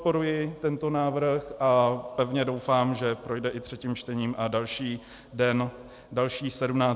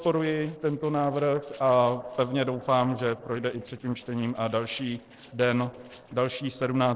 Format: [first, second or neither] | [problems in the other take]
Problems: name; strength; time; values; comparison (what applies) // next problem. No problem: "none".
first | noise reduction (neural separator model SepFormer DNS4)